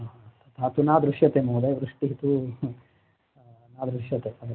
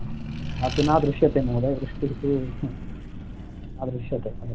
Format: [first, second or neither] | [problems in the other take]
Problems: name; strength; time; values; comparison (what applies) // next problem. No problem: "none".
first | background sound (Accelerating, revving, vroom); 6 dB below the speech